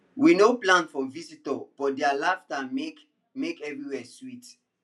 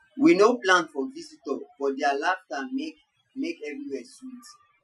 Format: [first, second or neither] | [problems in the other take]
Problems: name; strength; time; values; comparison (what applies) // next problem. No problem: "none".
first | noise reduction (classical method Wiener filter)